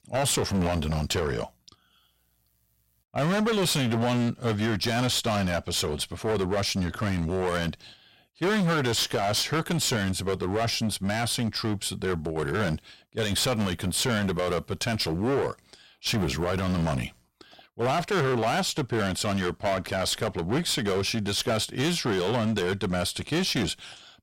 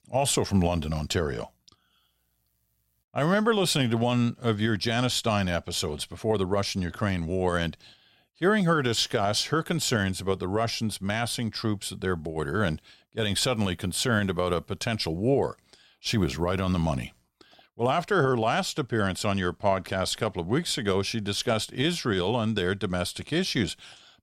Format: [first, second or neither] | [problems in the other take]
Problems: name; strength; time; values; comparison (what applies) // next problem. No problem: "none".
second | distortion; heavy; 16% of the sound clipped